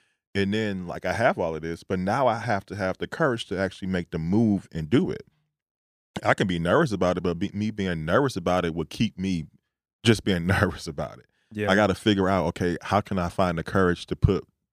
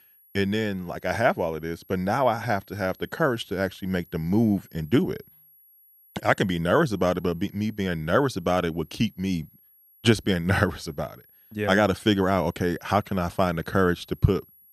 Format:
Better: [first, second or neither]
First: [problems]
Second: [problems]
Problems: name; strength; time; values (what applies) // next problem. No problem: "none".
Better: first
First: none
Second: high-pitched whine; faint; throughout; 11.5 kHz, 30 dB below the speech